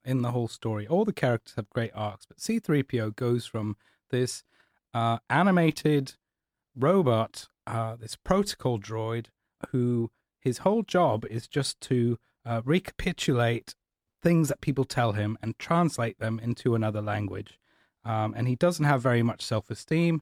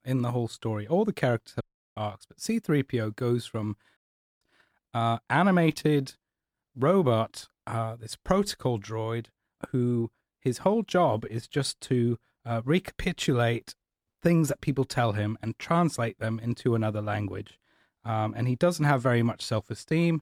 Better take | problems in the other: first | audio cutting out; at 1.5 s and at 4 s

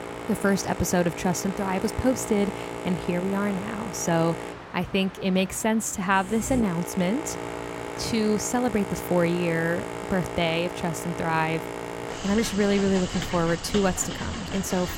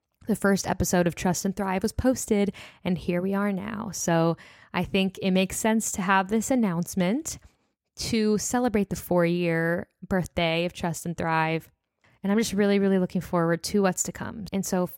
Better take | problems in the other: second | train or aircraft noise; loud; throughout; 8 dB below the speech

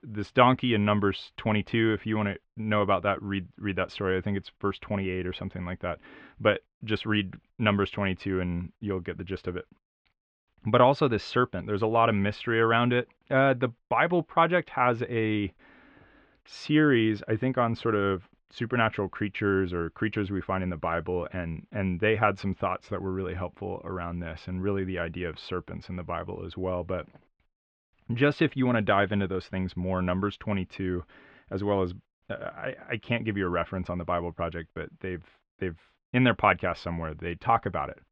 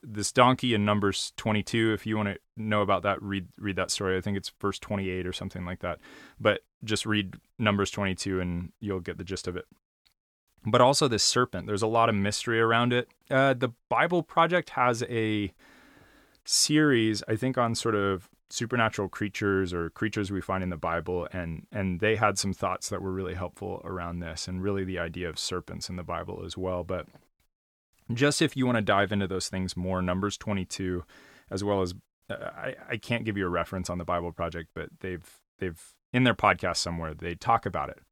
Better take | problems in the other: second | muffled; very; fading above 3 kHz

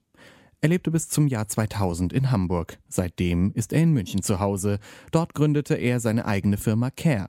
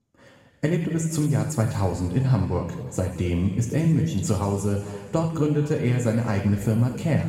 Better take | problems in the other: first | room echo; noticeable; dies away in 1.8 s // off-mic speech; far

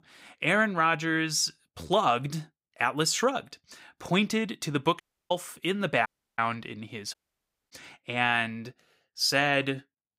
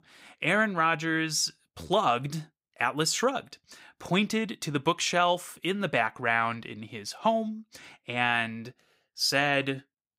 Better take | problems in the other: second | audio cutting out; at 5 s, at 6 s and at 7 s for 0.5 s

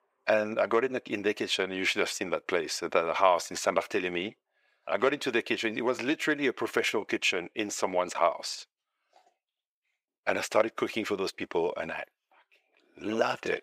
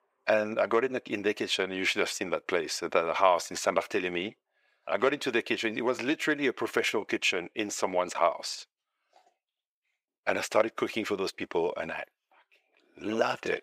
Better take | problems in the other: neither | thin; very; fading below 500 Hz; the same in both

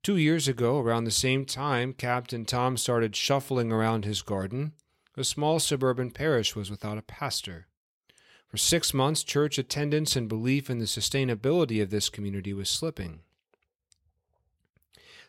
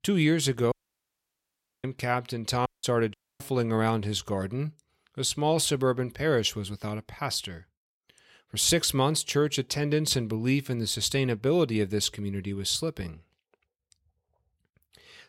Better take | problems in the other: first | audio cutting out; at 0.5 s for 1 s, at 2.5 s and at 3 s

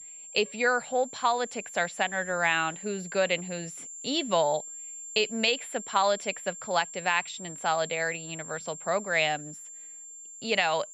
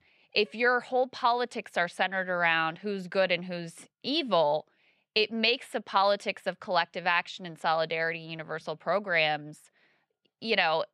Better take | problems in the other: second | high-pitched whine; noticeable; throughout; 7.5 kHz, 10 dB below the speech

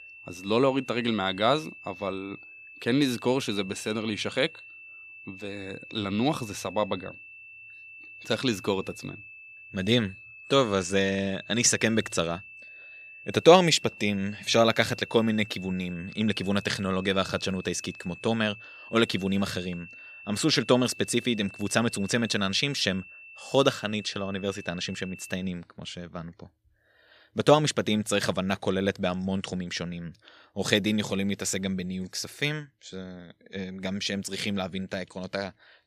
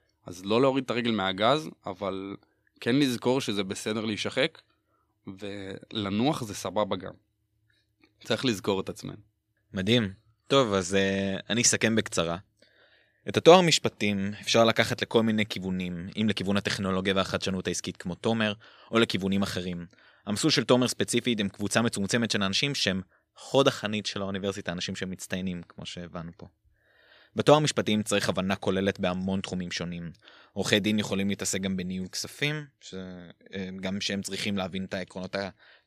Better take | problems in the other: second | high-pitched whine; noticeable; until 25 s; 2.5 kHz, 15 dB below the speech

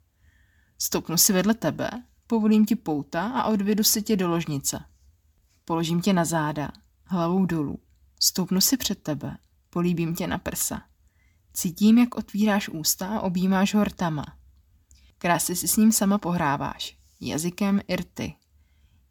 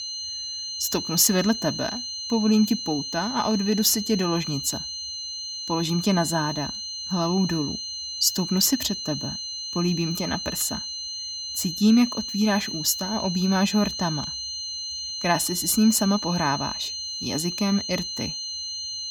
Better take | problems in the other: first | high-pitched whine; loud; throughout; 4 kHz, 6 dB below the speech

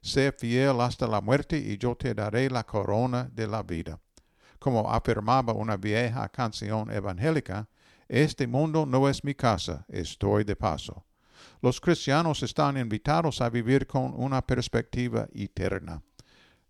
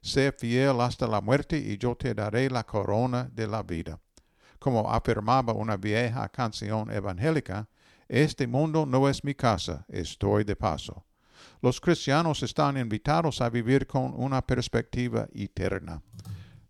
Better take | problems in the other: first | keyboard typing; faint; at 16 s; peak 15 dB below the speech

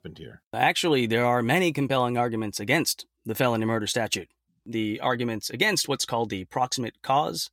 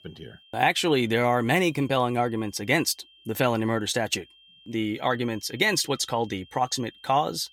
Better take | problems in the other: first | high-pitched whine; faint; throughout; 3 kHz, 25 dB below the speech

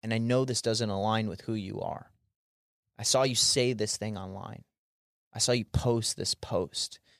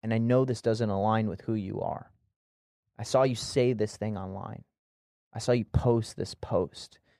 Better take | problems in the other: first | muffled; slightly; fading above 2.5 kHz

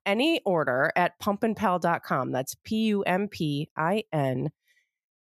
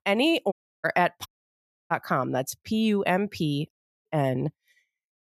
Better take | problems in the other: first | audio cutting out; at 0.5 s, at 1.5 s for 0.5 s and at 3.5 s

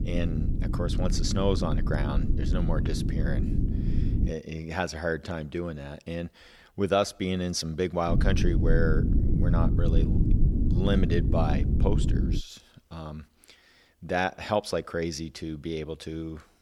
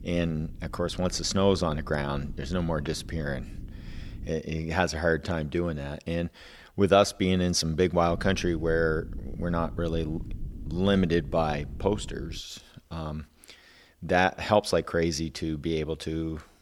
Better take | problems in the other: second | low rumble; loud; until 4.5 s and from 8 to 12 s; 6 dB below the speech; faint in the second

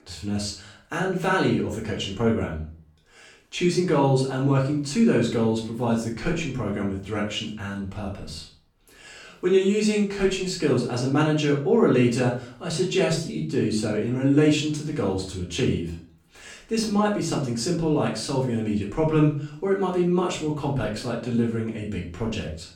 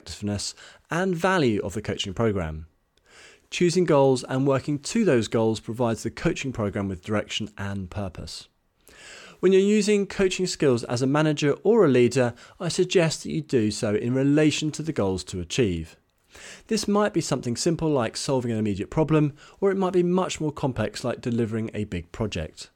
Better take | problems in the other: second | room echo; slight; dies away in 0.4 s // off-mic speech; far

